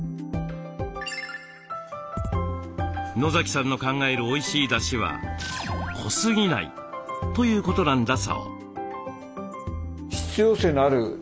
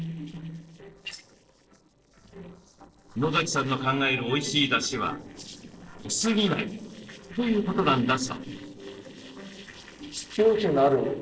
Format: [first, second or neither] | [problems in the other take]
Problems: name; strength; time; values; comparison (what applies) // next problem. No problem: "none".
first | noise reduction (neural separator model SepFormer DNS4)